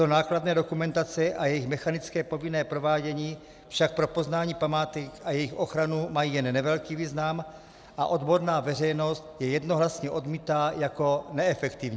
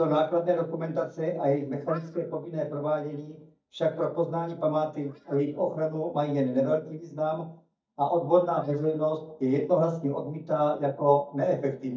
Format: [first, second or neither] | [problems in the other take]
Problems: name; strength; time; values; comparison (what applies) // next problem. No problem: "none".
first | noise reduction (neural mask model DeepFilterNet 3)